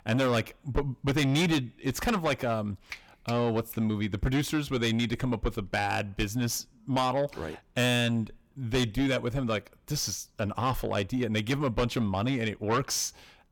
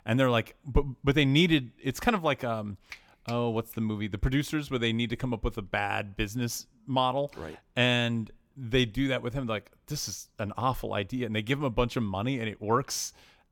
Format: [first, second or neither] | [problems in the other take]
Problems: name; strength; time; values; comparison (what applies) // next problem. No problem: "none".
second | distortion; heavy; 8 dB below the speech